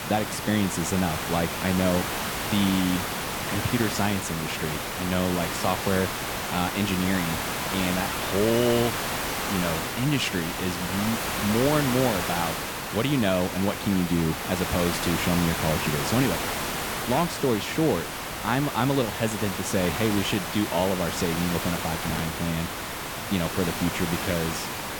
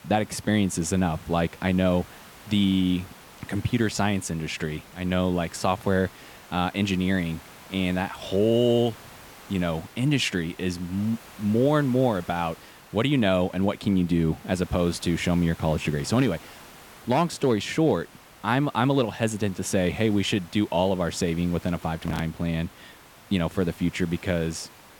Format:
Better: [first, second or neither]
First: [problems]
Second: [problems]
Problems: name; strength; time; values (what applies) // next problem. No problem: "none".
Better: second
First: hiss; loud; throughout; 2 dB below the speech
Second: hiss; faint; throughout; 20 dB below the speech